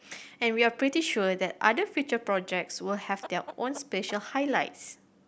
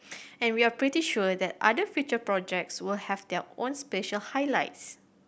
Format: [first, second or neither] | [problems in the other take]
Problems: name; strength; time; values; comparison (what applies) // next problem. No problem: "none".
second | background sound (Chicken, rooster); 18 dB below the speech